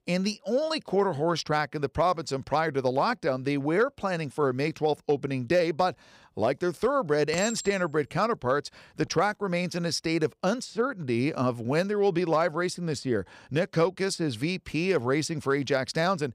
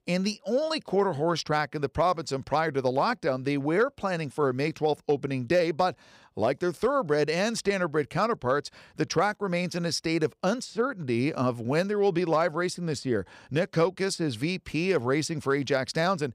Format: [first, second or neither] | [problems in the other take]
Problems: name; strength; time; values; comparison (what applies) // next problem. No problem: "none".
second | clattering dishes; noticeable; from 7.5 to 9 s; peak 7 dB below the speech